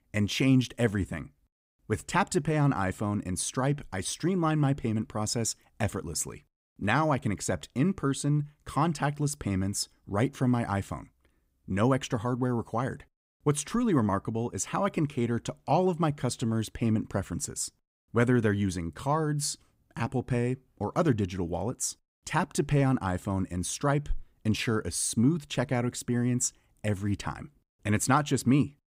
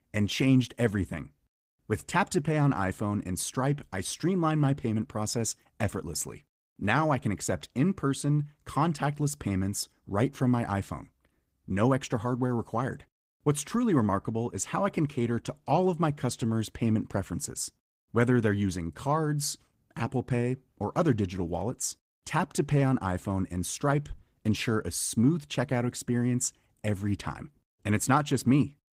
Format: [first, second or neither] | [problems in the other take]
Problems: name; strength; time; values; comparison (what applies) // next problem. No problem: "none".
first | garbled, watery; slightly; nothing above 15.5 kHz